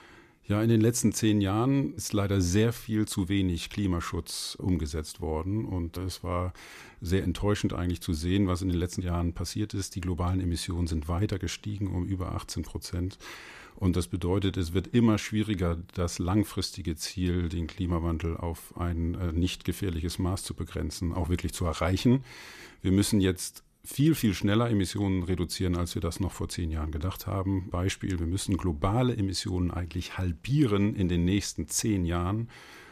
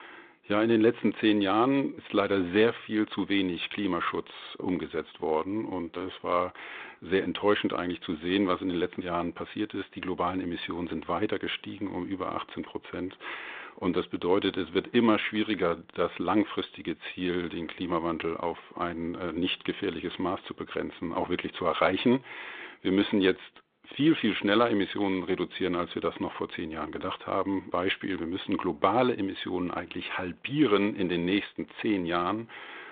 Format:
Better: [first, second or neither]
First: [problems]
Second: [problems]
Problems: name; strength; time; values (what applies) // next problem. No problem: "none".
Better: first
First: none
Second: phone-call audio; nothing above 3.5 kHz